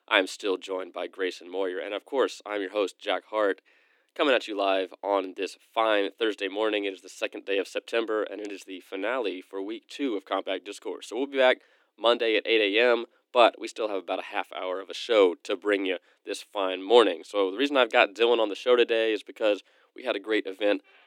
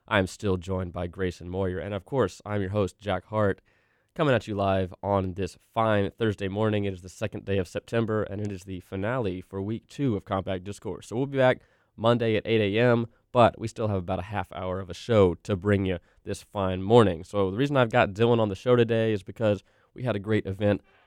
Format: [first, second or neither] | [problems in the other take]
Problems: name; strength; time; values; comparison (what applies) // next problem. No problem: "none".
second | thin; somewhat; fading below 300 Hz